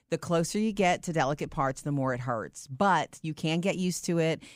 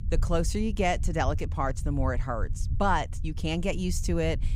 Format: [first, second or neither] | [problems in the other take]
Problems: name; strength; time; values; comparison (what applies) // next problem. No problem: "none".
first | low rumble; faint; throughout; 20 dB below the speech